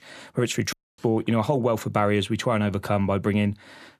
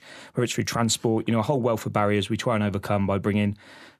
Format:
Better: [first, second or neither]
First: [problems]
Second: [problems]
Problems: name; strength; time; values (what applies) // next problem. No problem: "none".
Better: second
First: audio cutting out; at 0.5 s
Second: none